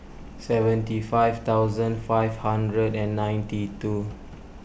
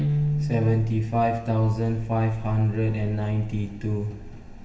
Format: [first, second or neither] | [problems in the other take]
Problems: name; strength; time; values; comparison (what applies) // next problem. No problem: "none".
first | background sound (Guitar); 7 dB below the speech // room echo; dies away in 1 s